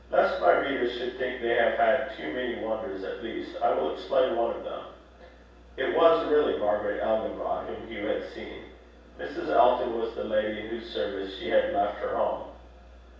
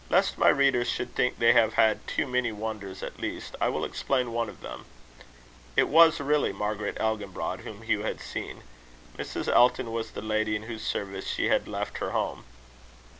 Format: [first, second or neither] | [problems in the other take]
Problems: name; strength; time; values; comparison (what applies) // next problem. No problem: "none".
second | room echo; dies away in 0.7 s